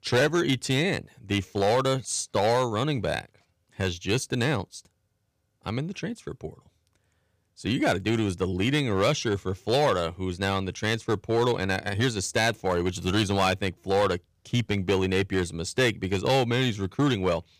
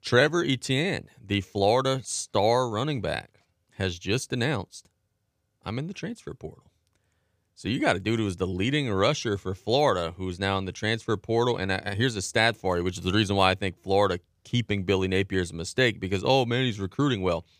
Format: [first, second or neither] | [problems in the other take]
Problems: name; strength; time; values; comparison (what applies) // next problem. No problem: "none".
second | distortion; slight; 4% of the sound clipped